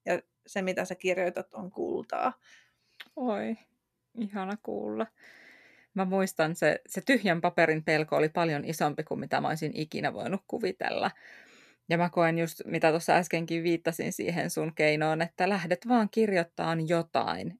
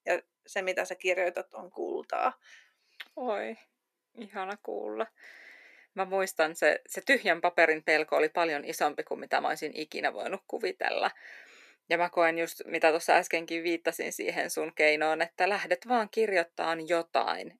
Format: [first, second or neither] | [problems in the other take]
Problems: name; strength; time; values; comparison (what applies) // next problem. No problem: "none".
first | thin; somewhat; fading below 350 Hz